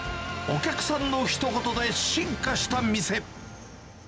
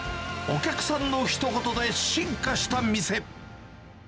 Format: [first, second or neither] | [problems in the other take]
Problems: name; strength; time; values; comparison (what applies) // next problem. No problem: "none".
second | background sound (Fixed-wing aircraft, airplane); 20 dB below the speech